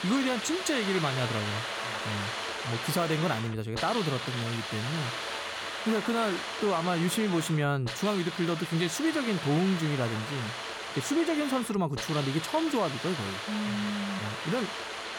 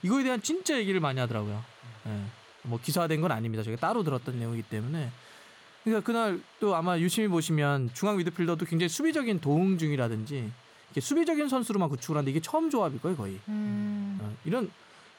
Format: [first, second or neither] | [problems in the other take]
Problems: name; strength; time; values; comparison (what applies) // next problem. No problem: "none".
second | hiss; loud; throughout; 4 dB below the speech; faint in the second